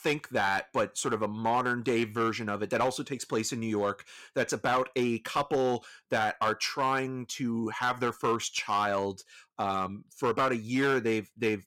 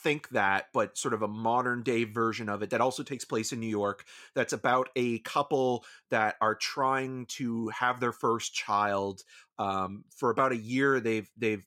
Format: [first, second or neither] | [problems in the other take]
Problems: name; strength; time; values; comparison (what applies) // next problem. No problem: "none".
second | distortion; slight; 4% of the sound clipped